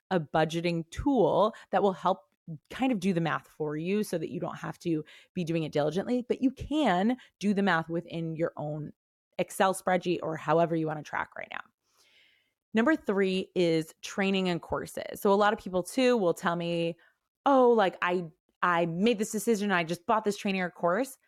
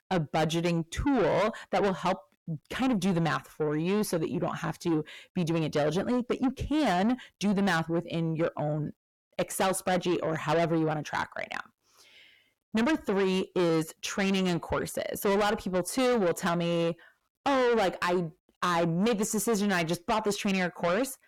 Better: first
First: none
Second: distortion; heavy; 7 dB below the speech

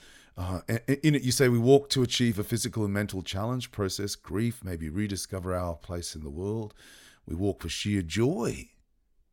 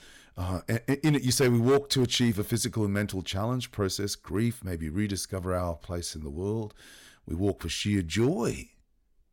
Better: first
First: none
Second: distortion; slight; 2% of the sound clipped

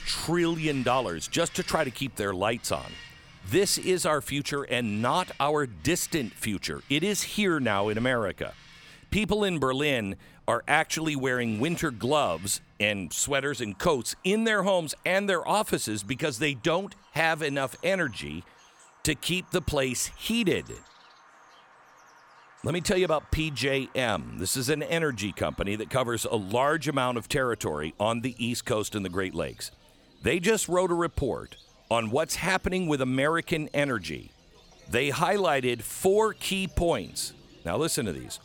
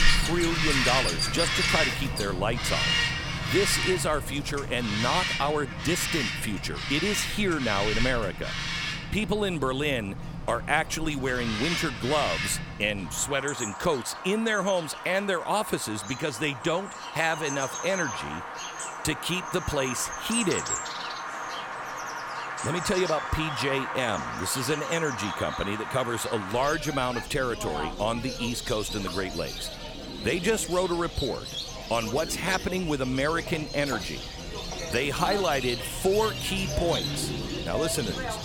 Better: first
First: animal sounds; faint; throughout; 25 dB below the speech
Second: animal sounds; loud; throughout; 3 dB below the speech

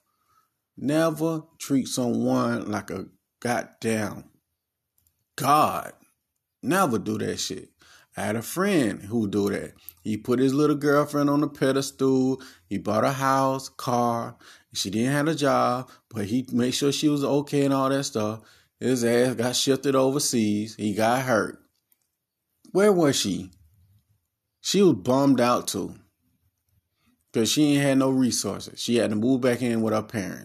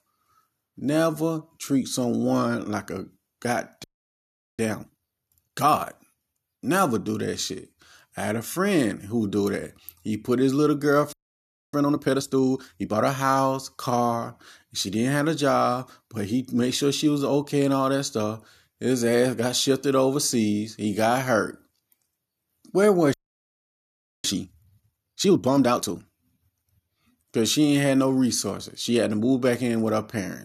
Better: first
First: none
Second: audio freezing; at 4 s for 1 s, at 11 s for 0.5 s and at 23 s for 1 s

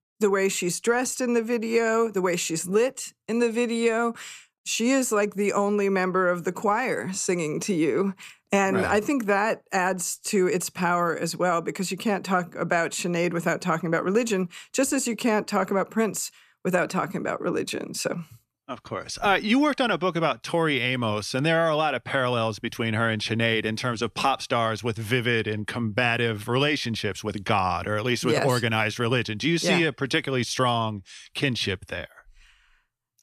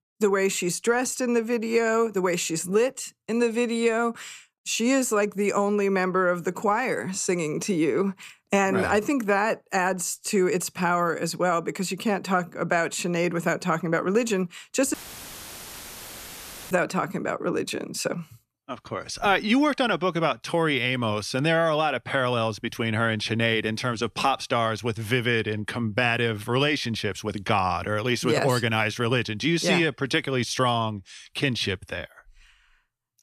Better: first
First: none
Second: audio cutting out; filled with static; at 15 s for 2 s

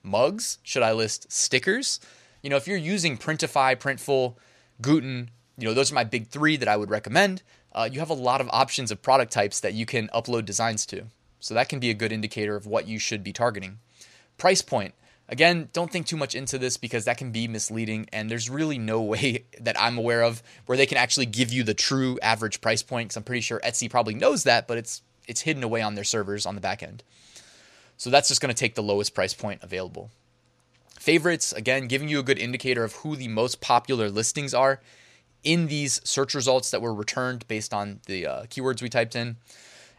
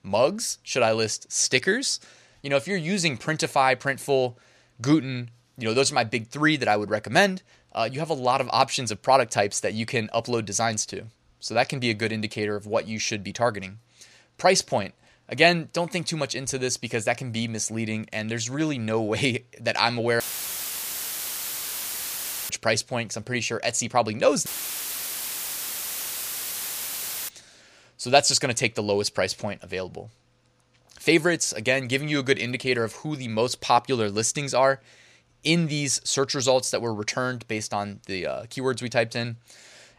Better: first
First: none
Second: audio cutting out; filled with static; at 20 s for 2.5 s and at 24 s for 3 s

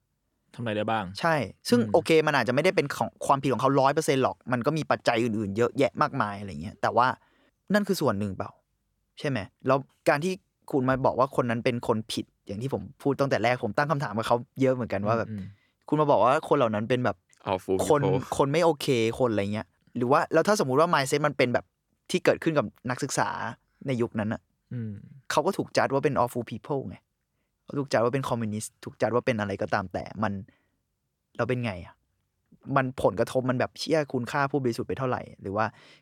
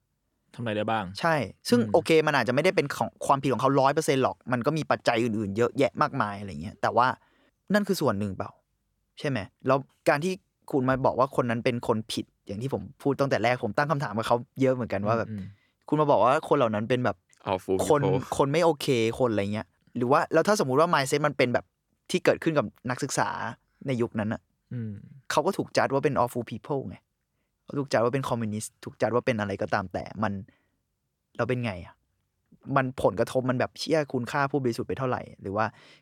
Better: neither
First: none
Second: none

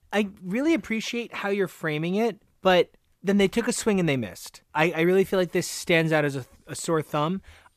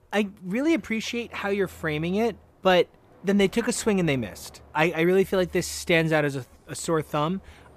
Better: first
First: none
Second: train or aircraft noise; faint; throughout; 25 dB below the speech

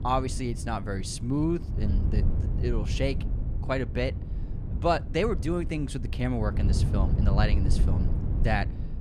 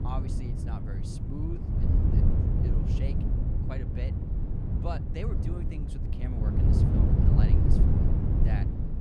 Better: first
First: wind noise on the microphone; occasional gusts; 10 dB below the speech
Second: wind noise on the microphone; heavy; 5 dB above the speech

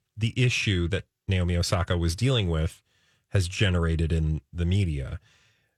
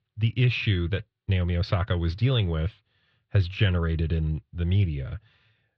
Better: first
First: none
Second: muffled; slightly; fading above 4 kHz

